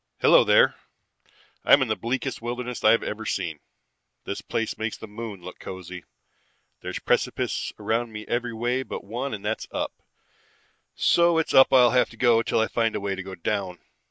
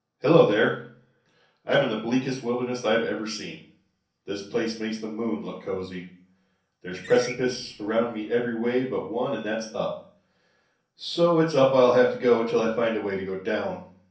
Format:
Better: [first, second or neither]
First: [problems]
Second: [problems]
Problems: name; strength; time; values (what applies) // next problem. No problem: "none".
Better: first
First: none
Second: background sound (Screech); 20 dB below the speech // room echo; dies away in 0.6 s